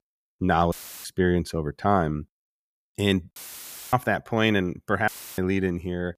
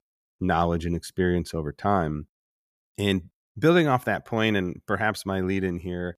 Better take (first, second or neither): second